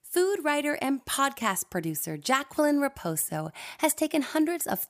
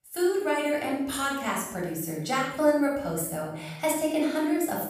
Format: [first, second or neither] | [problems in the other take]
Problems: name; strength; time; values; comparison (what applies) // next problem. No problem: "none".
first | off-mic speech; far // room echo; noticeable; dies away in 0.8 s